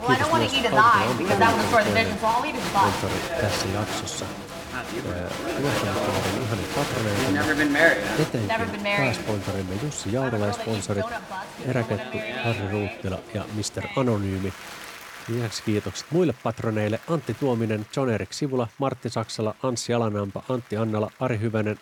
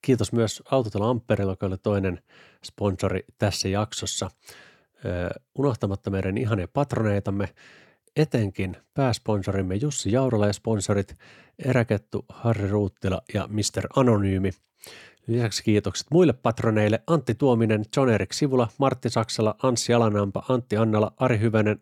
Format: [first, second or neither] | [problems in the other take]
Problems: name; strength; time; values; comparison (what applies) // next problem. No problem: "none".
second | crowd noise; very loud; throughout; 3 dB above the speech